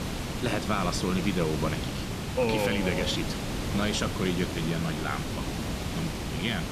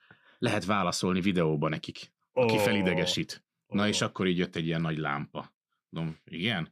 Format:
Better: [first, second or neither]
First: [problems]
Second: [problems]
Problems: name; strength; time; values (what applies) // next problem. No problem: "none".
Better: second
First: hiss; loud; throughout; 3 dB below the speech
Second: none